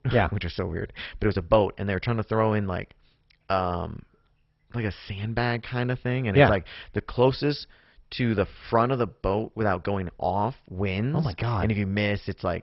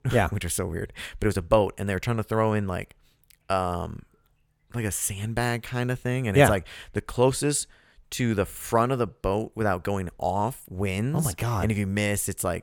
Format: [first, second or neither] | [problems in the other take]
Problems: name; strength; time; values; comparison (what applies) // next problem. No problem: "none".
second | garbled, watery; badly; nothing above 5.5 kHz